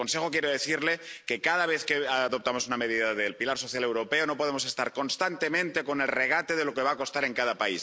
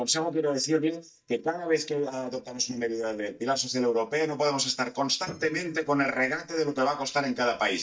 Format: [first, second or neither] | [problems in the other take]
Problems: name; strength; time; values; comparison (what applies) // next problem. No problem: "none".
first | noise reduction (neural mask model DeepFilterNet 3)